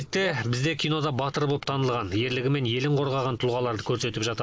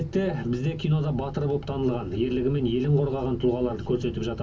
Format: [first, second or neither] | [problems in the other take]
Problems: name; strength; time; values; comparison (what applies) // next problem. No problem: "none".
first | background sound (Wind); 14 dB below the speech // room echo; dies away in 0.3 s